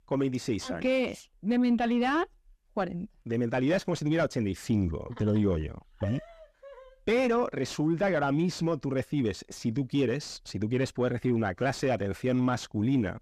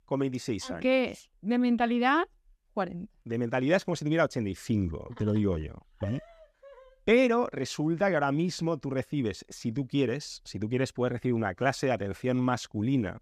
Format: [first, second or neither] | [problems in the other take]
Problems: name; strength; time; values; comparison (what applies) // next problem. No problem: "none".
second | distortion; slight; 10 dB below the speech